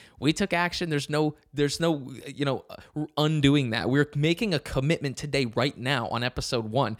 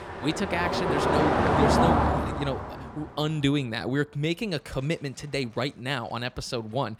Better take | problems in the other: first | traffic noise; very loud; throughout; 5 dB above the speech

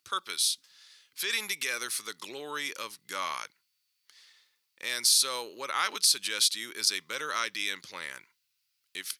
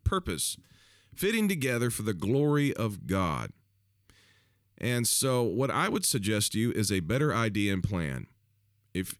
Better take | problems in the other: second | thin; very; fading below 950 Hz

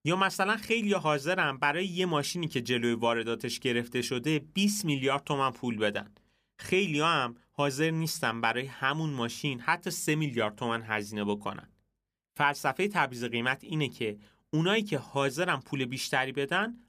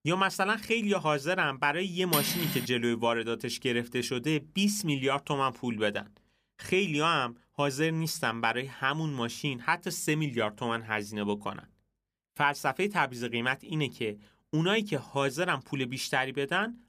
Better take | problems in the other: first | clattering dishes; loud; at 2 s; peak 1 dB above the speech

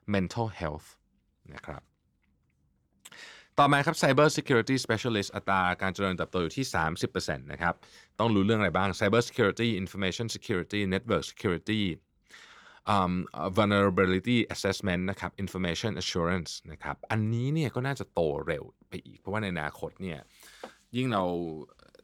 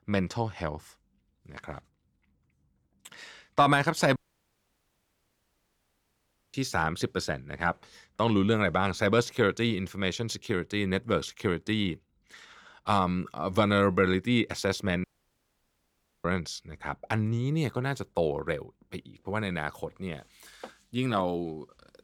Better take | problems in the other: first | audio cutting out; at 4 s for 2.5 s and at 15 s for 1 s

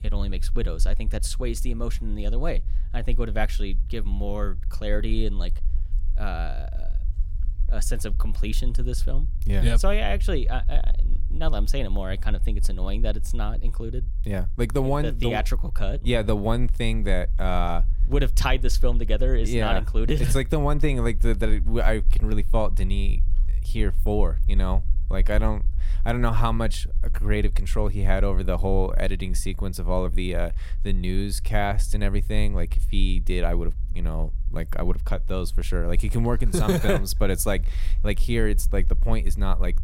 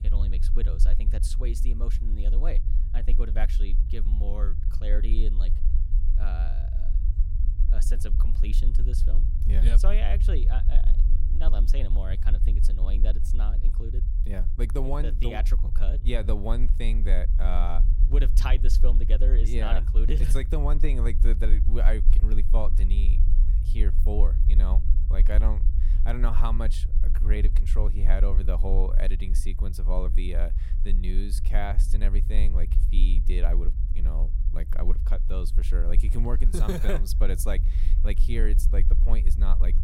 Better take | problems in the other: first | low rumble; loud; throughout; 10 dB below the speech; faint in the first

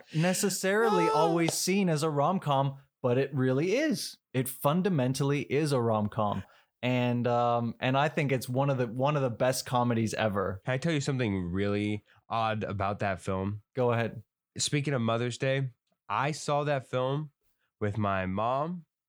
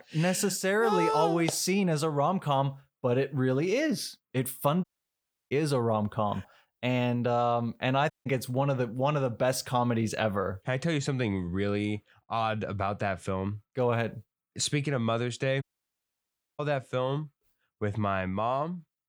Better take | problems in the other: first | audio cutting out; at 5 s for 0.5 s, at 8 s and at 16 s for 1 s

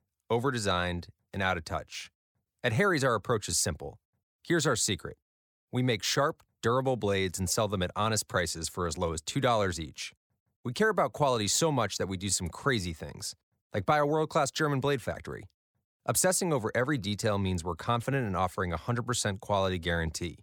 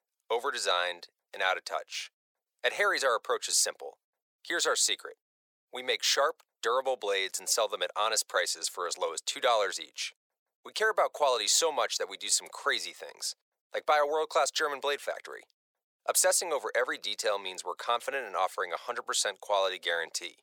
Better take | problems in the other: first | thin; very; fading below 500 Hz

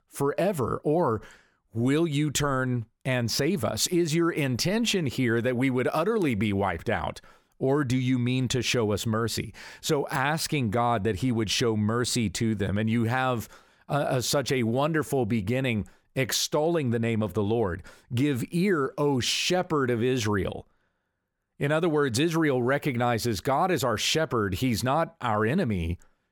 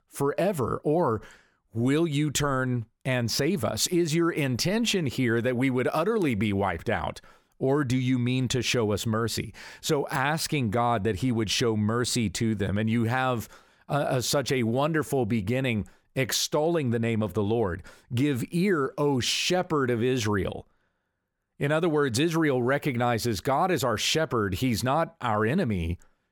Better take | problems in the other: neither | none

